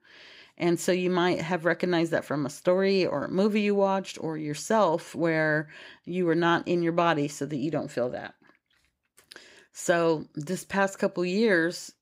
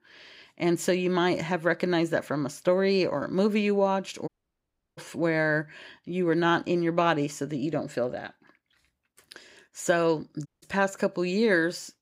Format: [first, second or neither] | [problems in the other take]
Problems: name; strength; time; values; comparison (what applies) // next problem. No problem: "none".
first | audio cutting out; at 4.5 s for 0.5 s and at 10 s